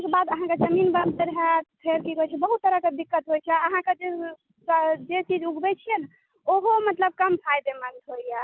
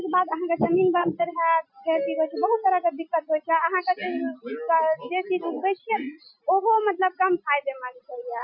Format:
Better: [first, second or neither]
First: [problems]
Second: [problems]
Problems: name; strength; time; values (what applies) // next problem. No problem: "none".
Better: first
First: none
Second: noise reduction (classical method Wiener filter)